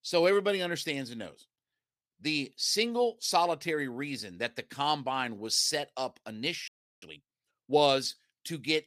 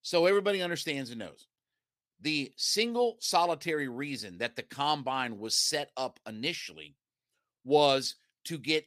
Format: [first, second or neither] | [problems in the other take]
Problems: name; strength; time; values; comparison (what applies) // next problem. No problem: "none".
second | audio freezing; at 6.5 s